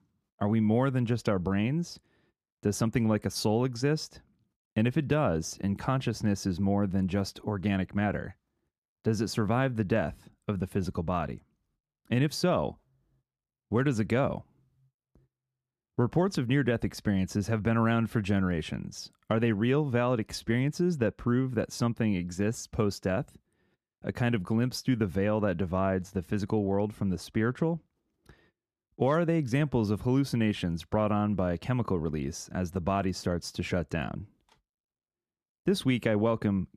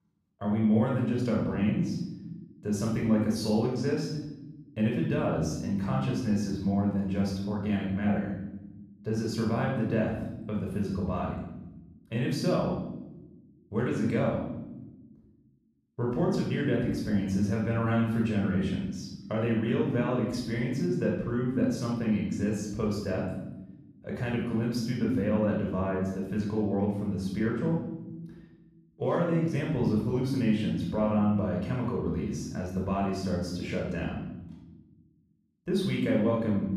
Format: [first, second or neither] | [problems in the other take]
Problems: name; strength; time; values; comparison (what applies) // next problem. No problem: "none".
first | room echo; noticeable; dies away in 1 s // off-mic speech; far